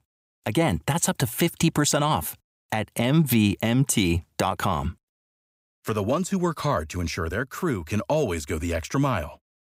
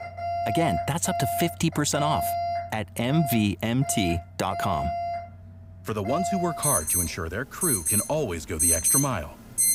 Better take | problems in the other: first | alarms or sirens; very loud; throughout; 1 dB above the speech

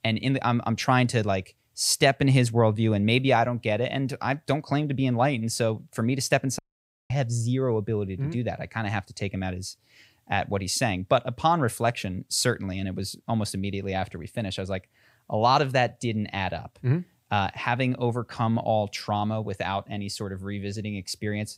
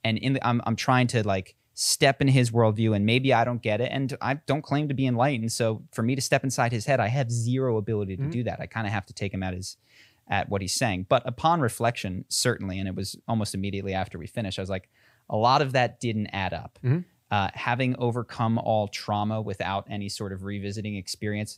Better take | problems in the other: second | audio cutting out; at 6.5 s for 0.5 s

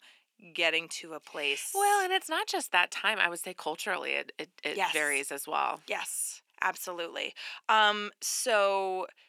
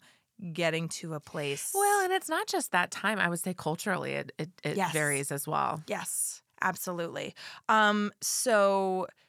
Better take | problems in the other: second | thin; somewhat; fading below 300 Hz

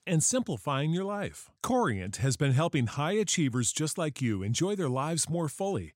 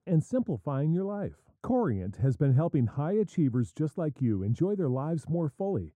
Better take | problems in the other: first | muffled; very; fading above 1.5 kHz

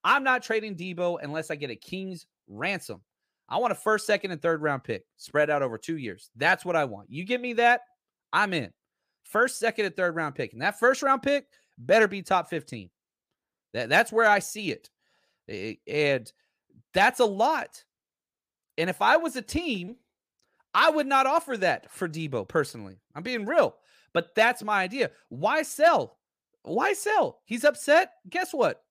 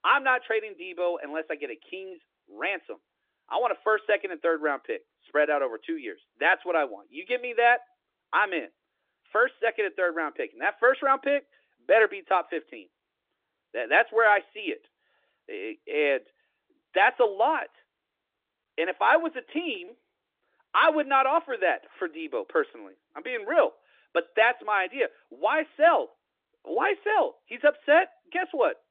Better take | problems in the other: first | phone-call audio

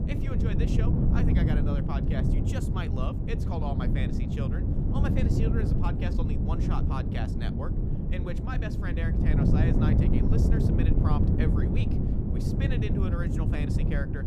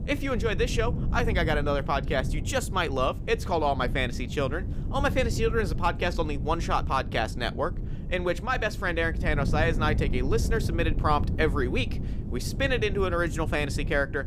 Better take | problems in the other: second | wind noise on the microphone; heavy; 2 dB above the speech; occasional gusts in the second

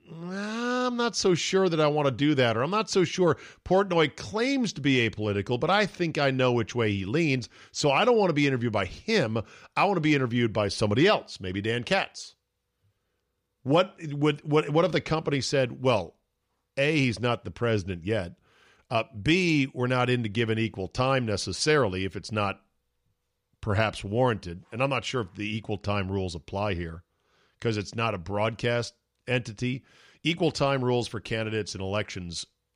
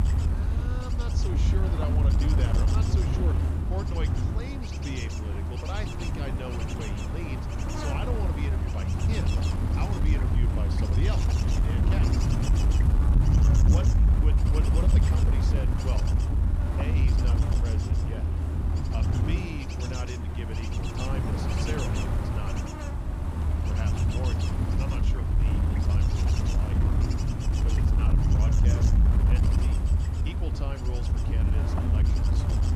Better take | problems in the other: first | wind noise on the microphone; heavy; 4 dB above the speech

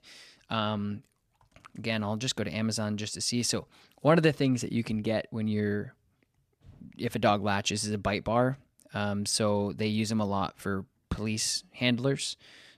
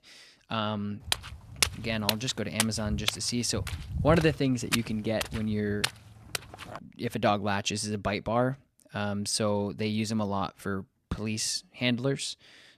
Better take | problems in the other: first | footsteps; loud; from 1 to 7 s; peak 2 dB above the speech

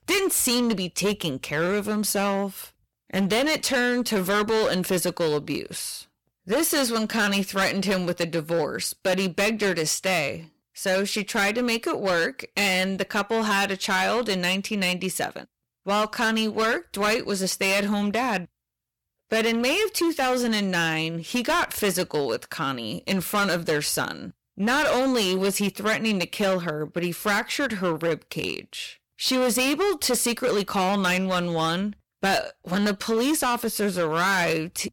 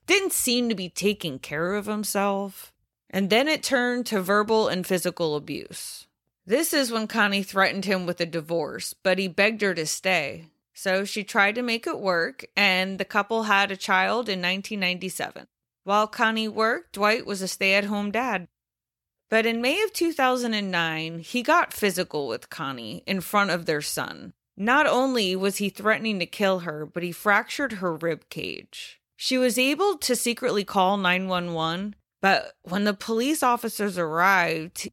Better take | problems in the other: second | distortion; heavy; 15% of the sound clipped

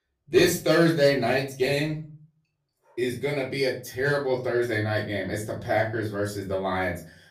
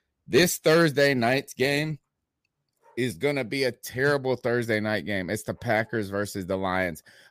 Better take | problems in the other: second | off-mic speech; far // room echo; slight; dies away in 0.3 s

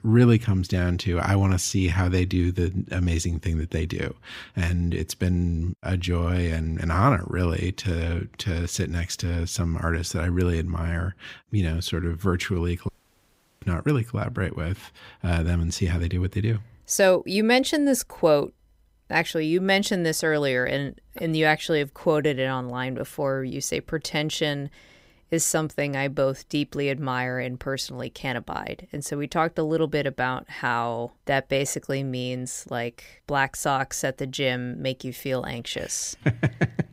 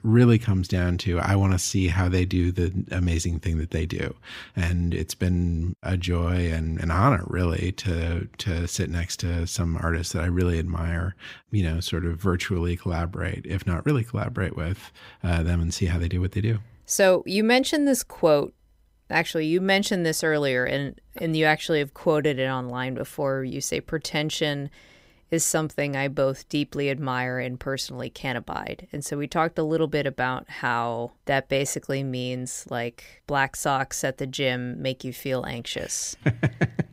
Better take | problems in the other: second | audio cutting out; at 13 s for 0.5 s

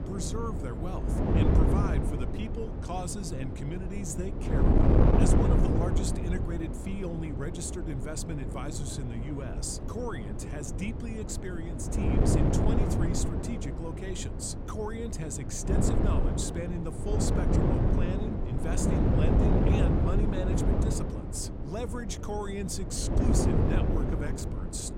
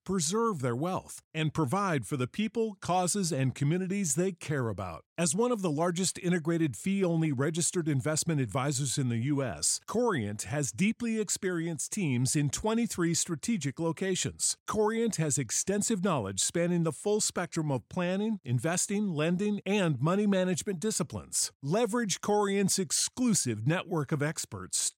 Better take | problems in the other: second | wind noise on the microphone; heavy; 3 dB above the speech

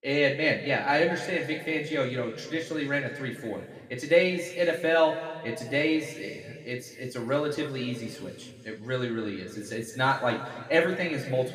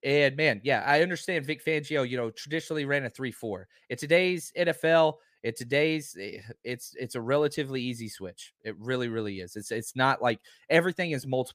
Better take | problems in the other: second | room echo; noticeable; dies away in 2.2 s // off-mic speech; somewhat distant

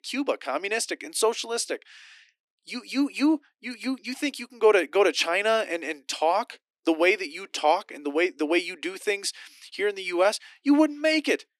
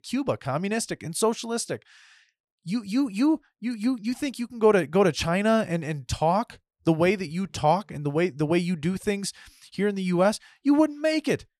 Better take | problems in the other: second | thin; very slightly; fading below 300 Hz

